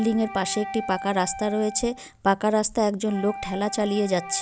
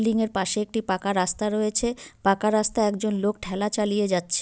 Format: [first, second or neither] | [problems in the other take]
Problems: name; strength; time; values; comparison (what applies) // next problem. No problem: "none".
second | background sound (Wind instrument, woodwind instrument); 13 dB below the speech